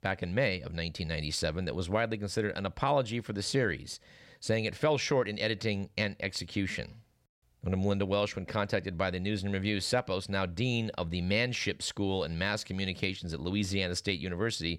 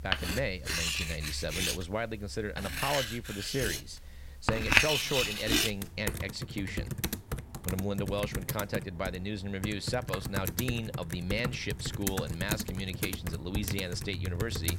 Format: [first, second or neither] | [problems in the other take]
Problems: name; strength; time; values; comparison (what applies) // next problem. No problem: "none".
first | household noises; very loud; throughout; 2 dB above the speech